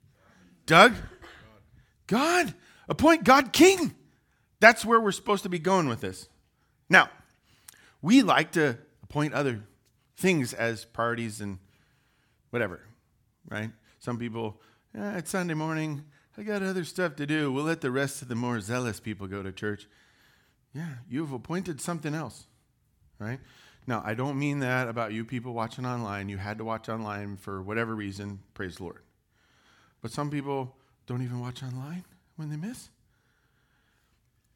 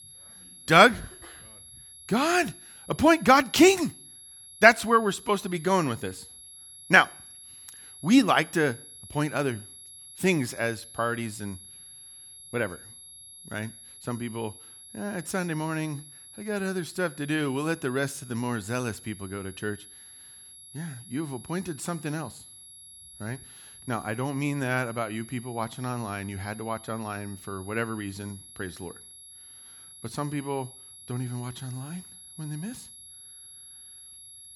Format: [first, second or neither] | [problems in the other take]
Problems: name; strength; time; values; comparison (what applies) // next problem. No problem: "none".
first | high-pitched whine; noticeable; throughout; 11 kHz, 20 dB below the speech